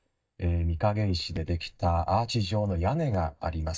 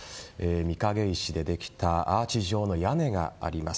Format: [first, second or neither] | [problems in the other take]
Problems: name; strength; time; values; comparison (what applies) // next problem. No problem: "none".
second | noise reduction (neural mask model DeepFilterNet 3)